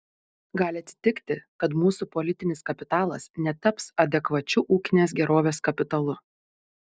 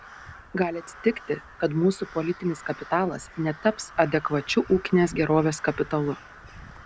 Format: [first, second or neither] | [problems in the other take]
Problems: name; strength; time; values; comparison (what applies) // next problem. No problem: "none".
first | background sound (Crow); 19 dB below the speech